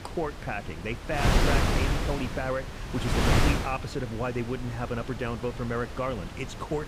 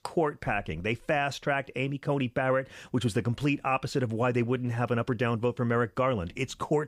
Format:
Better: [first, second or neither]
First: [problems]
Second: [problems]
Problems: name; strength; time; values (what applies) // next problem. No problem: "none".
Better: second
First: wind noise on the microphone; heavy; 1 dB above the speech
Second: none